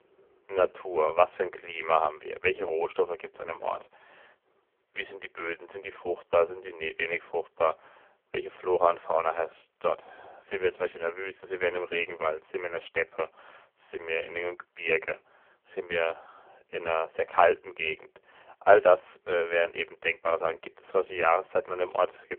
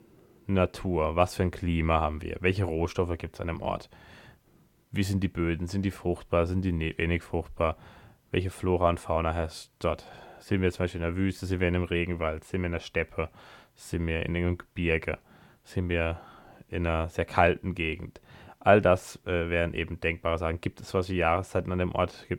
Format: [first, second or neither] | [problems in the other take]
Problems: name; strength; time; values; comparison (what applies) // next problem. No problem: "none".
second | phone-call audio; poor line